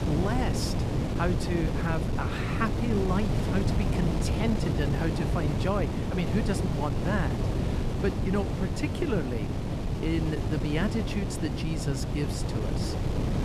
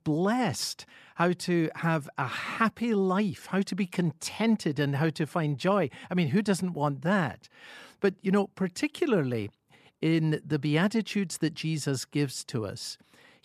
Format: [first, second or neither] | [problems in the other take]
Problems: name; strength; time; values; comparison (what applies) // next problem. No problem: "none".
second | wind noise on the microphone; heavy; 2 dB below the speech